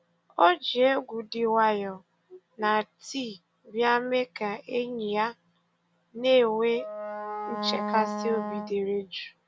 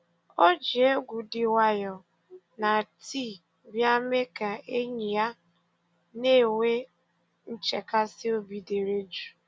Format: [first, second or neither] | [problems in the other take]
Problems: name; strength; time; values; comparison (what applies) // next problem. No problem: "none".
second | background sound (Wind instrument, woodwind instrument); 7 dB below the speech